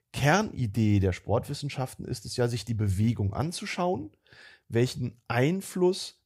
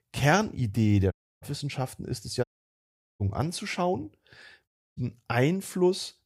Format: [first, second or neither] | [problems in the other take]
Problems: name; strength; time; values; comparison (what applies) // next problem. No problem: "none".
first | audio cutting out; at 1 s, at 2.5 s for 1 s and at 4.5 s